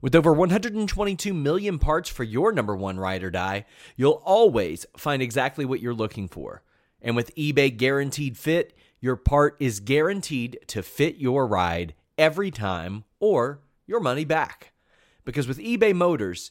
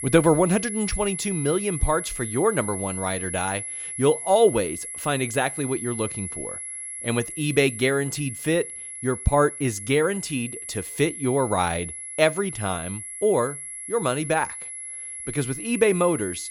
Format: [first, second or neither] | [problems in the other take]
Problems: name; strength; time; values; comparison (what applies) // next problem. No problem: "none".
first | high-pitched whine; loud; throughout; 11 kHz, 8 dB below the speech